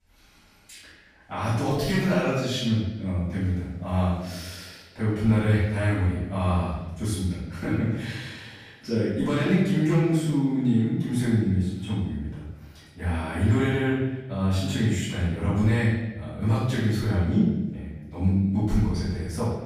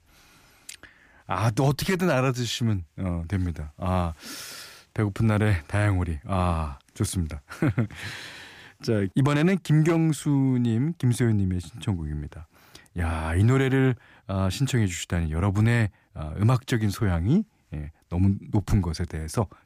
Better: second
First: off-mic speech; far // room echo; strong; dies away in 1 s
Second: none

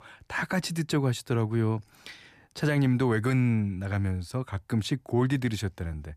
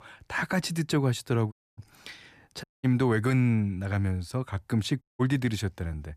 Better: first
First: none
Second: audio cutting out; at 1.5 s, at 2.5 s and at 5 s

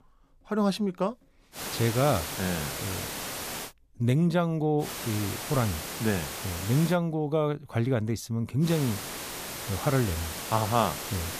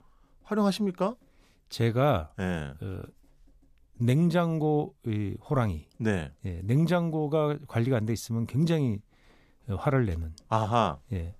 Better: second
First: hiss; loud; from 1.5 to 3.5 s, from 5 to 7 s and from 8.5 s on; 6 dB below the speech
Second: none

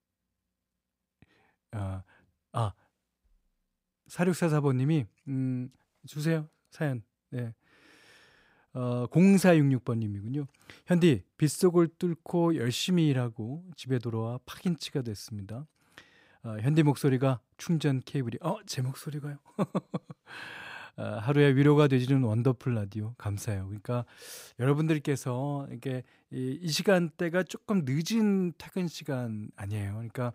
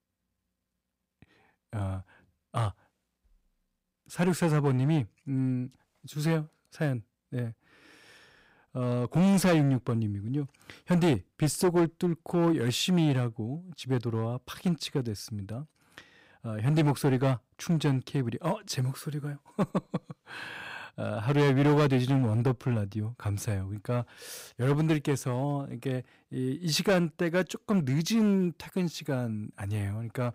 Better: first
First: none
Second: distortion; slight; 5% of the sound clipped

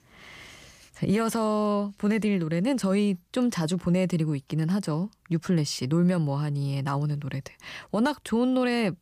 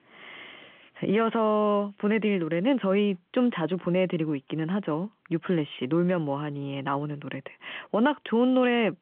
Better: first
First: none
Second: phone-call audio

